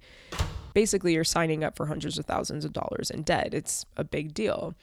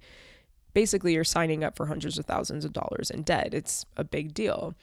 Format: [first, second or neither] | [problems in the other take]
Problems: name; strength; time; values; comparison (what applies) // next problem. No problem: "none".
second | door banging; noticeable; at 0.5 s; peak 5 dB below the speech